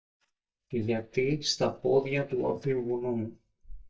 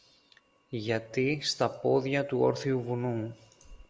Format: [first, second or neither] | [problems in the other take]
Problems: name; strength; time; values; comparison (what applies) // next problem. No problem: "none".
second | noise reduction (neural mask model DeepFilterNet 3)